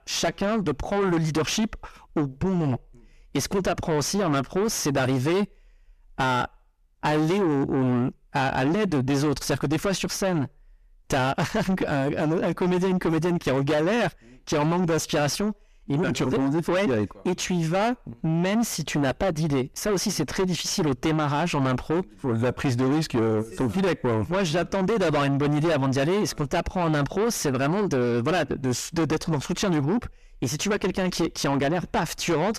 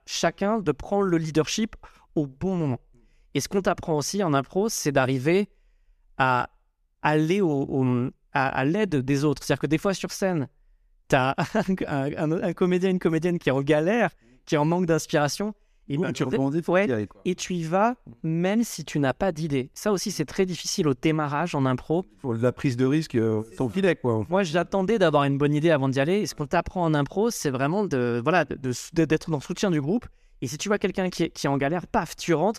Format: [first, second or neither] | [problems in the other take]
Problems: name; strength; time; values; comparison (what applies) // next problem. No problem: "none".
second | distortion; heavy; 5 dB below the speech